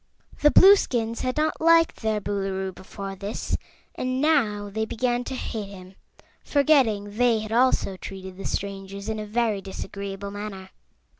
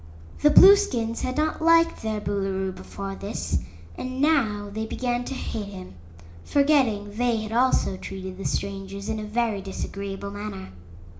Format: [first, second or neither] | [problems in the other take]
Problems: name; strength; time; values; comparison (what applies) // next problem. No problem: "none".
first | background sound (Truck); 16 dB below the speech // room echo; dies away in 0.4 s